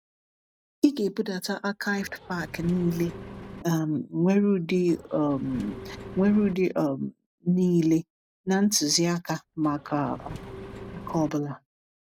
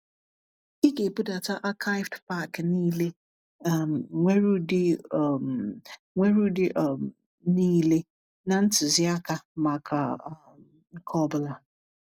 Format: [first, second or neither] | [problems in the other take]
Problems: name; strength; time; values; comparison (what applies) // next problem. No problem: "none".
second | background sound (Engine); 15 dB below the speech